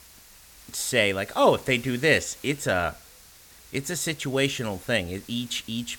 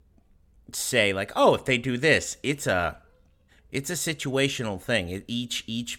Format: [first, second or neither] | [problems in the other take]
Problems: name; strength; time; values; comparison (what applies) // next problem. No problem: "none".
second | hiss; faint; throughout; 20 dB below the speech